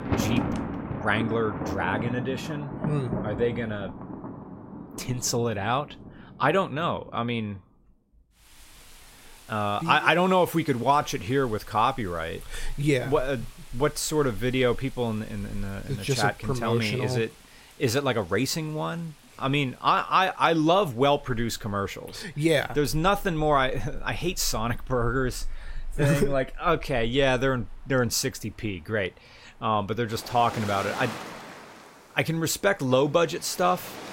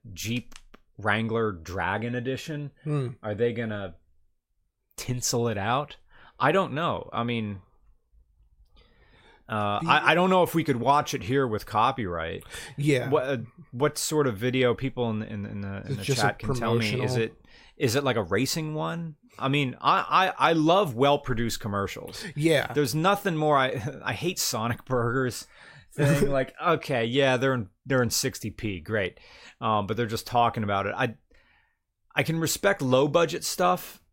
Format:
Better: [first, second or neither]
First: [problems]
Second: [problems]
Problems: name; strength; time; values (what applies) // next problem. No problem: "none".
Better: second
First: rain or running water; noticeable; throughout; 15 dB below the speech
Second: none